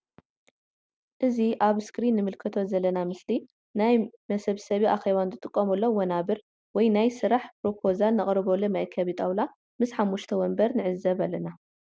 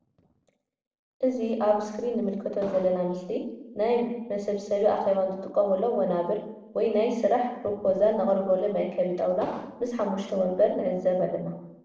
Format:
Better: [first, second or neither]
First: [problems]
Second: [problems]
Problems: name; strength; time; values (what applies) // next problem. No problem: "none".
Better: first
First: none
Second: noise reduction (neural separator model SepFormer DNS4)